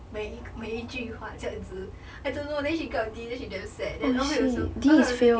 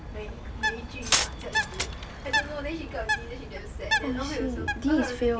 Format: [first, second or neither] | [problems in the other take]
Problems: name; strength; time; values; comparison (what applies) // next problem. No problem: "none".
first | background sound (Bird + Glass); 1 dB above the speech